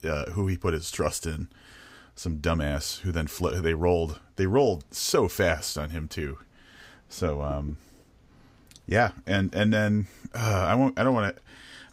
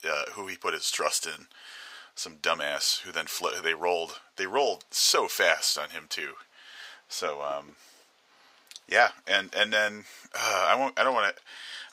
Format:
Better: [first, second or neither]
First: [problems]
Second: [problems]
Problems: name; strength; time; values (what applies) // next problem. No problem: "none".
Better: first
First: none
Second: thin; very; fading below 750 Hz